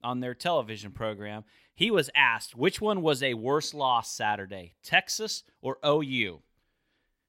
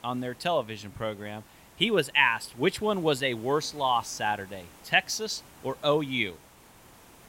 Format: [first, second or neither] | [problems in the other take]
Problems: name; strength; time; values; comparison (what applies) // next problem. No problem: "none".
first | hiss; faint; throughout; 25 dB below the speech